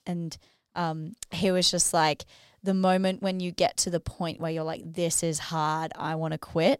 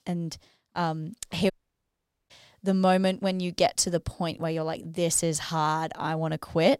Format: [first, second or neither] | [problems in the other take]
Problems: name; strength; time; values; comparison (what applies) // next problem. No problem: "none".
first | audio cutting out; at 1.5 s for 1 s